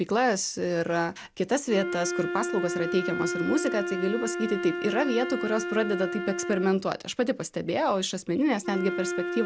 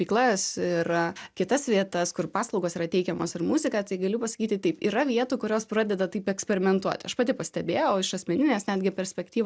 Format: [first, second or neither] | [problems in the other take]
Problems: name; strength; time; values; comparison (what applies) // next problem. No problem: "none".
second | background sound (Wind instrument, woodwind instrument); 6 dB below the speech